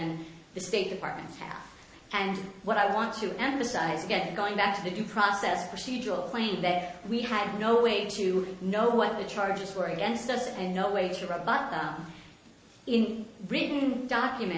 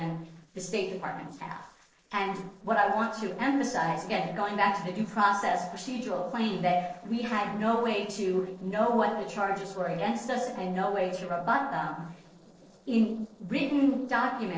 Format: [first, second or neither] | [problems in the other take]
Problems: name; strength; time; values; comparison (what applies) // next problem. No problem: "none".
first | noise reduction (neural separator model SepFormer DNS4)